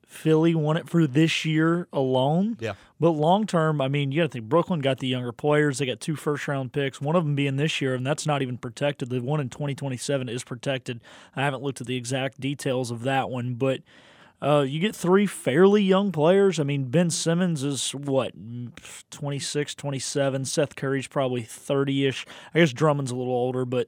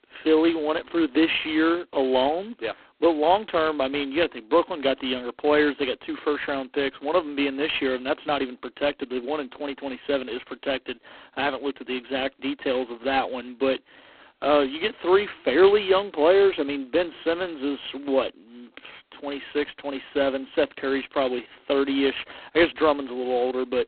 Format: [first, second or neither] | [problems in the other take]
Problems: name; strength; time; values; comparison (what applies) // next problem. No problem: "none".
first | phone-call audio; poor line; nothing above 4 kHz